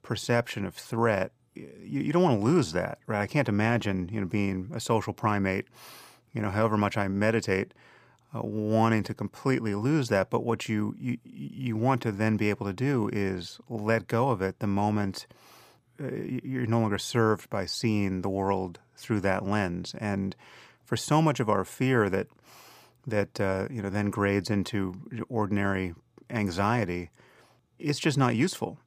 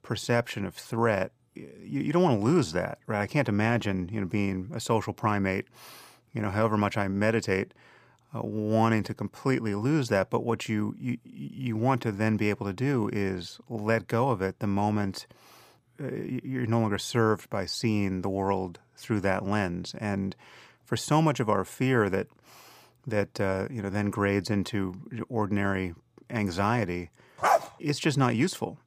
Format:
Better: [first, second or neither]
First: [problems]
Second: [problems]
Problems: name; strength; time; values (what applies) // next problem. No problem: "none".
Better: first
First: none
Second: dog barking; loud; at 27 s; peak 3 dB above the speech